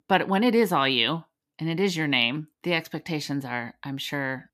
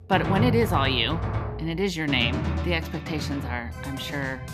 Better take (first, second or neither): first